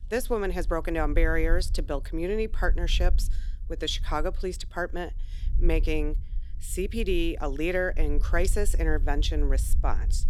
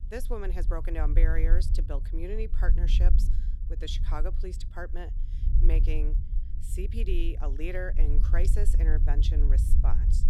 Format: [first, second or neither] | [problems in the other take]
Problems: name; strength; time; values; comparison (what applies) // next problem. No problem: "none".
first | low rumble; loud; throughout; 9 dB below the speech; faint in the first